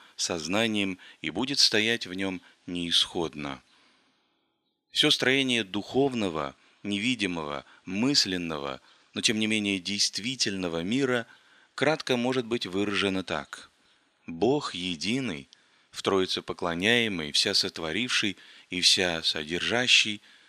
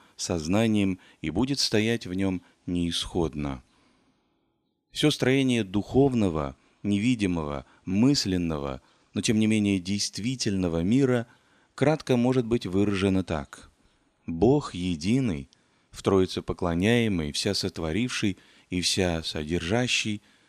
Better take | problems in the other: second | thin; very slightly; fading below 400 Hz

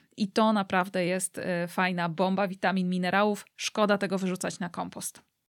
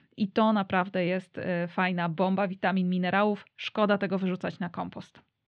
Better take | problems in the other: first | muffled; slightly; fading above 3.5 kHz

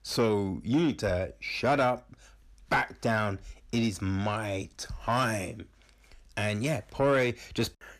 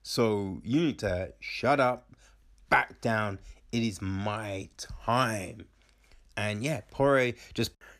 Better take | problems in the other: second | distortion; slight; 10 dB below the speech

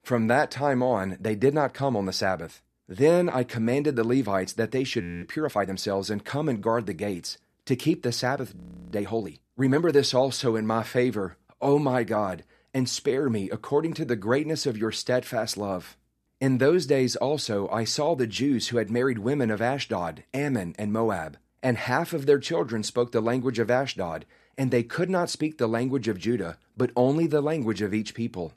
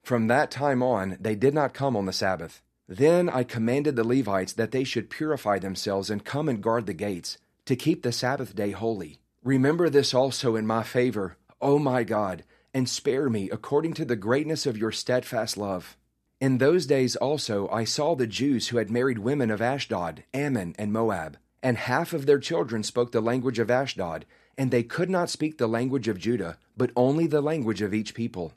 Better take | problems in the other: second | audio freezing; at 5 s and at 8.5 s

